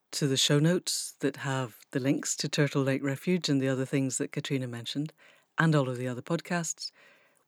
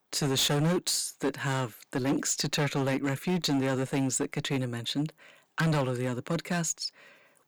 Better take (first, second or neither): first